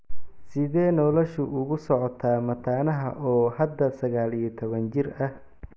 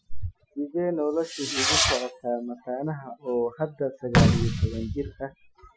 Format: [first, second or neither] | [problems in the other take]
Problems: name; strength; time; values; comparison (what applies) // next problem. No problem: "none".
first | noise reduction (classical method Wiener filter)